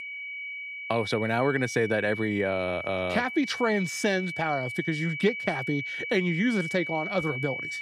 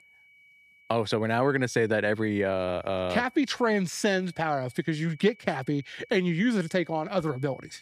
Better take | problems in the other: second | high-pitched whine; loud; throughout; 2.5 kHz, 6 dB below the speech; faint in the second

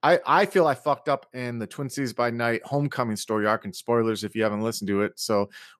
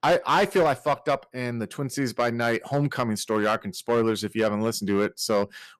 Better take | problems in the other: first | distortion; slight; 4% of the sound clipped

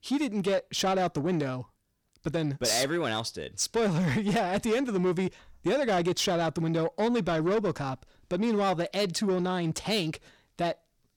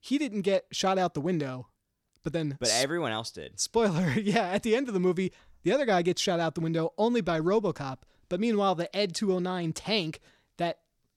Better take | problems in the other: second | distortion; slight; 10 dB below the speech

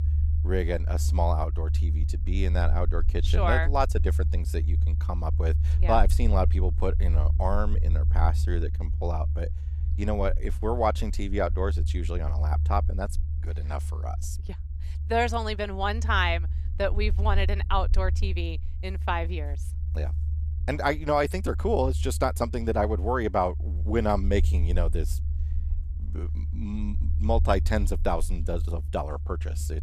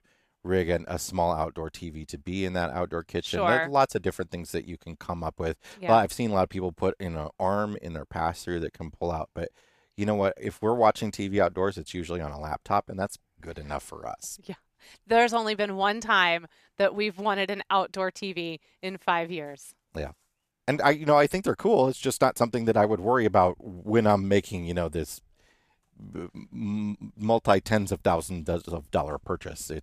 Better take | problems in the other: second | low rumble; noticeable; throughout; 15 dB below the speech

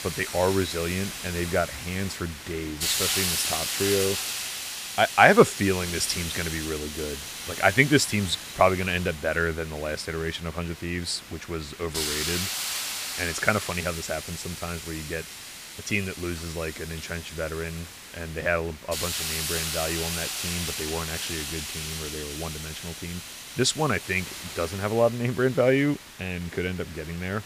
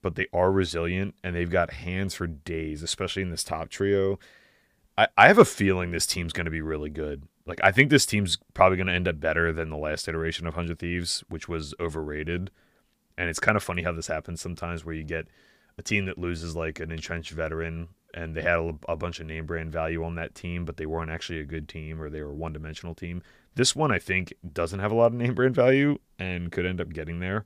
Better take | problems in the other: second | hiss; loud; throughout; 4 dB below the speech

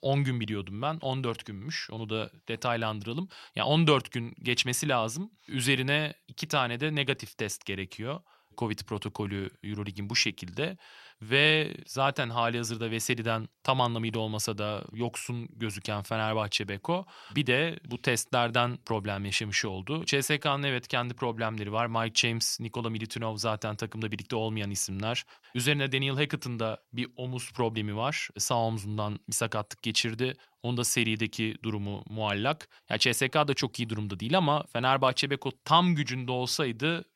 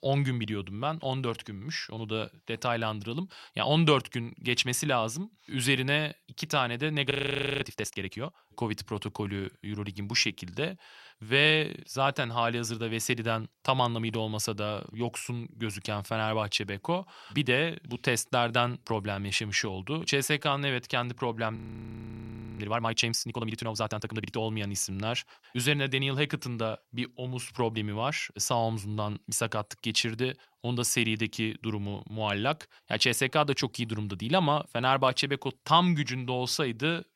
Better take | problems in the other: first | audio freezing; at 7 s and at 22 s for 1 s

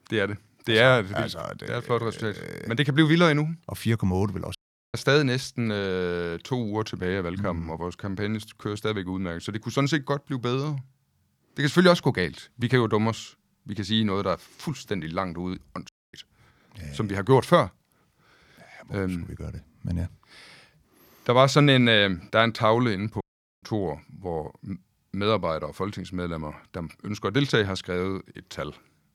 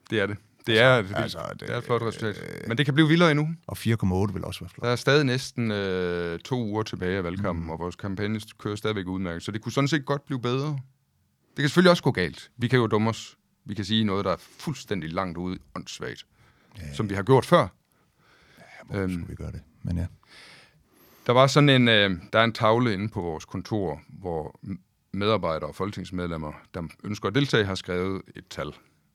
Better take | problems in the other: second | audio cutting out; at 4.5 s, at 16 s and at 23 s

